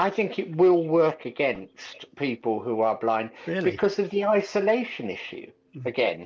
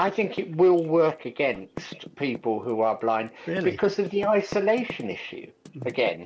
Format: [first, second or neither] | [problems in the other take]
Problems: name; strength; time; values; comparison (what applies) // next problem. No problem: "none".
first | background sound (Typing); 18 dB below the speech